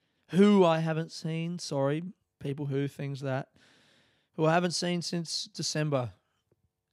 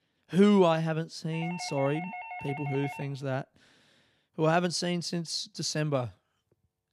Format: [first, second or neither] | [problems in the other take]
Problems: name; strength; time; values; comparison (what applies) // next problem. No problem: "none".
first | doorbell; noticeable; from 1.5 to 3 s; peak 10 dB below the speech